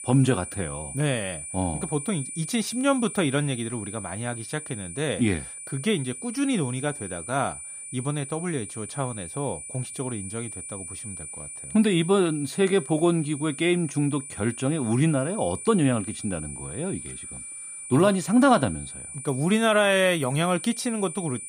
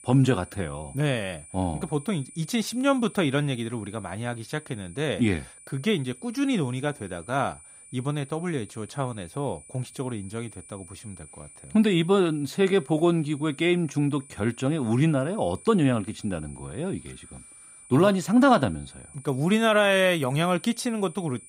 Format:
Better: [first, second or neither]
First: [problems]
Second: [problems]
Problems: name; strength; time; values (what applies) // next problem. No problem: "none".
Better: second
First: high-pitched whine; loud; throughout; 9.5 kHz, 10 dB below the speech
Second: high-pitched whine; faint; throughout; 9.5 kHz, 20 dB below the speech